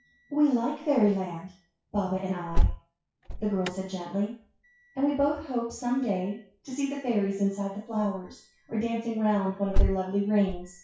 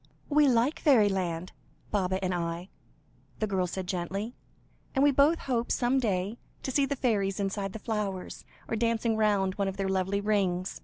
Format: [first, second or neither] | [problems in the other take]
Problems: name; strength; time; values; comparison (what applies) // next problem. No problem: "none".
second | noise reduction (classical method WPE with log-MMSE)